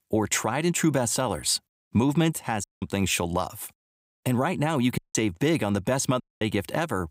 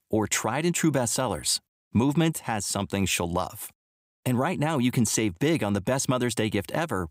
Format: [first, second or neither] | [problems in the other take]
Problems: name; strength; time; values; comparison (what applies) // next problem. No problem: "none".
second | audio cutting out; at 2.5 s, at 5 s and at 6 s